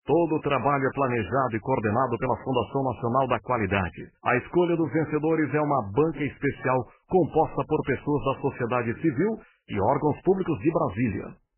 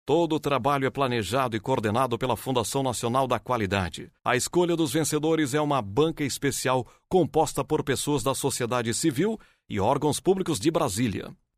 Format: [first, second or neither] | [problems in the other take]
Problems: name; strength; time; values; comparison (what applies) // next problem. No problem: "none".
second | garbled, watery; badly; nothing above 3 kHz